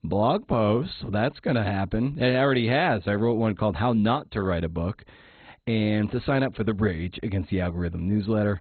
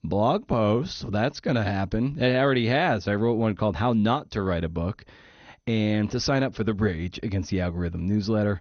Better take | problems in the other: second | garbled, watery; badly; nothing above 4 kHz; slightly in the second

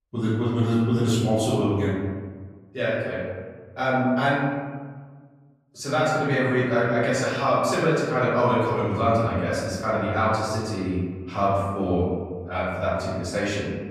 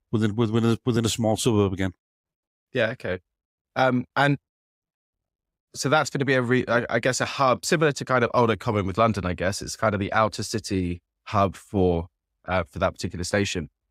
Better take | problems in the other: second | room echo; strong; dies away in 1.4 s // off-mic speech; far

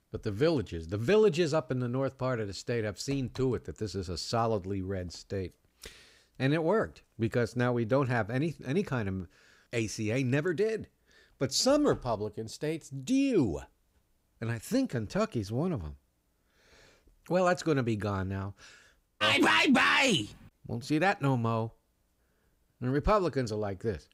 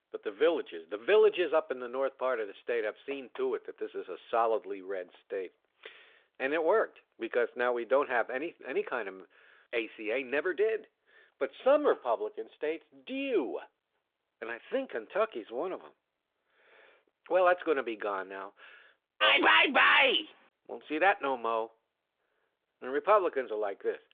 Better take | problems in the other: first | phone-call audio; nothing above 3.5 kHz

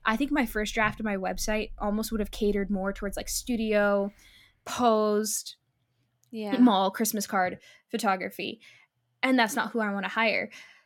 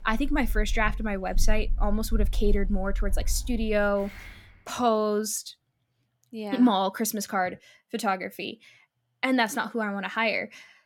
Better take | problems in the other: first | animal sounds; loud; until 4.5 s; 6 dB below the speech; faint in the first

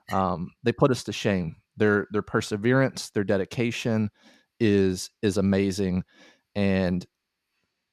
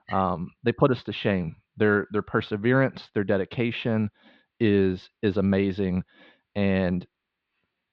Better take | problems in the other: first | muffled; slightly; fading above 3.5 kHz

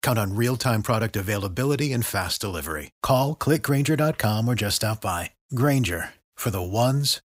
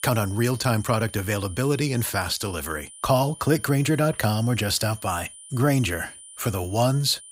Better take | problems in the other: first | high-pitched whine; noticeable; throughout; 9 kHz, 15 dB below the speech

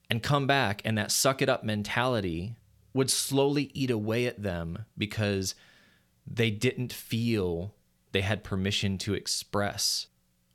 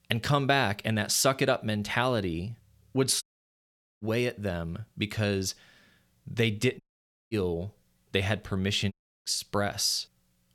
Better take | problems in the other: first | audio cutting out; at 3 s for 1 s, at 7 s for 0.5 s and at 9 s

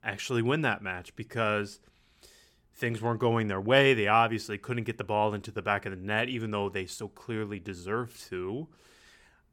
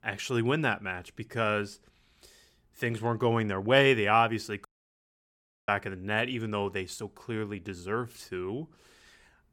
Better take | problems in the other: first | audio cutting out; at 4.5 s for 1 s

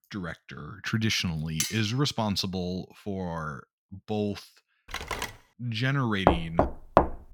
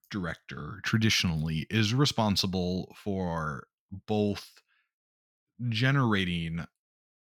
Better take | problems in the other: second | clattering dishes; noticeable; at 1.5 s; peak 1 dB below the speech // phone ringing; noticeable; at 5 s; peak 3 dB below the speech // door banging; loud; at 6.5 s; peak 6 dB above the speech

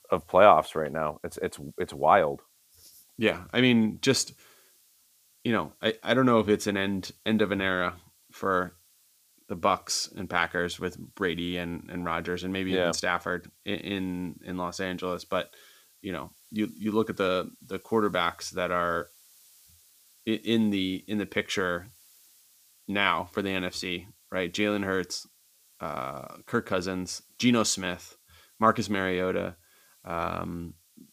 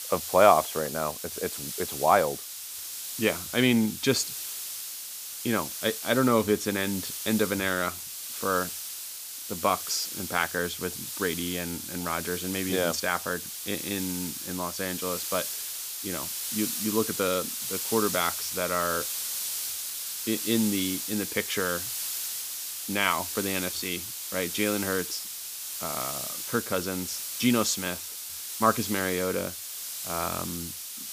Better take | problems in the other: first | hiss; loud; throughout; 4 dB below the speech; faint in the first

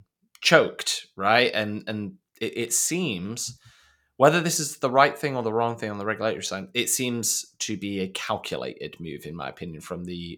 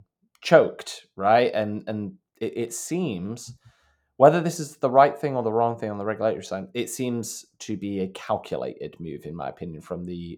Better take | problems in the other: first | muffled; slightly; fading above 1.5 kHz

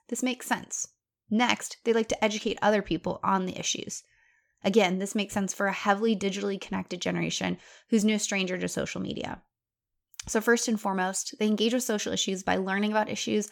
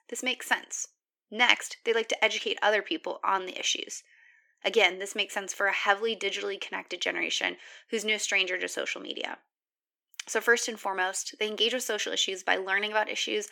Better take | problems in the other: first | thin; very; fading below 300 Hz

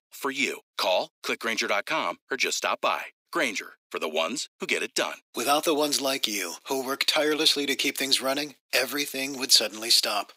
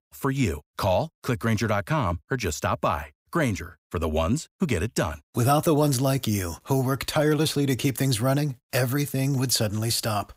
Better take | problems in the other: second | thin; somewhat; fading below 300 Hz

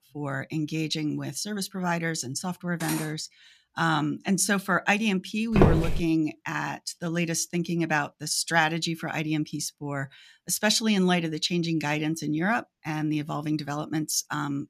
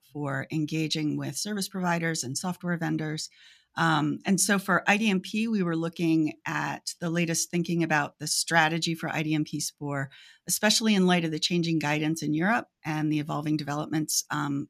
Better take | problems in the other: second | clattering dishes; noticeable; at 3 s; peak 7 dB below the speech // footsteps; loud; at 5.5 s; peak 6 dB above the speech

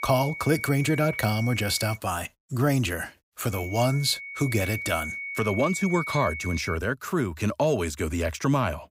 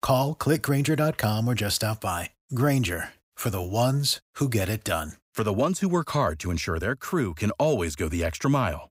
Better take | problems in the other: second | high-pitched whine; loud; until 2 s and from 3.5 to 7 s; 2 kHz, 8 dB below the speech

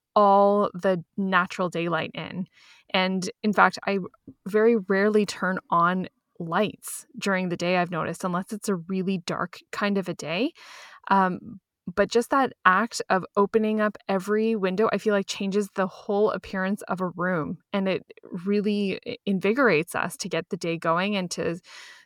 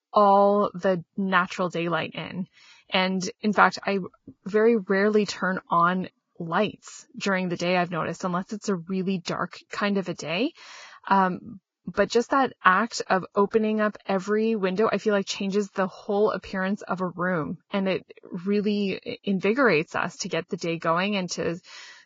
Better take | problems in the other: first | garbled, watery; badly

